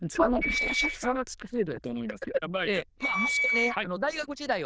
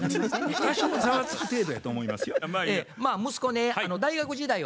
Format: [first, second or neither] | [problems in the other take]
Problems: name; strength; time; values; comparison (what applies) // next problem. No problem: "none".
second | noise reduction (neural diffusion model UNIVERSE++)